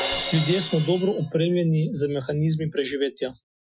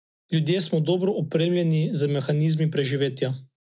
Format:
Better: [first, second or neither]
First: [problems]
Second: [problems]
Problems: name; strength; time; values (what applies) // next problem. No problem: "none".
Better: second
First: noise reduction (classical method Wiener filter)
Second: none